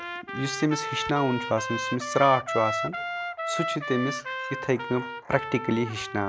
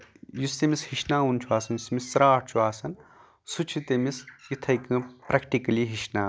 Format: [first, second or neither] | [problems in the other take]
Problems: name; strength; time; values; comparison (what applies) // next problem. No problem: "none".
second | background sound (Trumpet); 5 dB below the speech